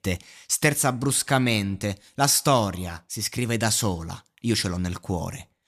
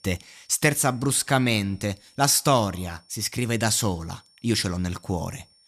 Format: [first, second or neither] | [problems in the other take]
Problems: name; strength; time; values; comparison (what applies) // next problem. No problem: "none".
first | high-pitched whine; faint; throughout; 5.5 kHz, 30 dB below the speech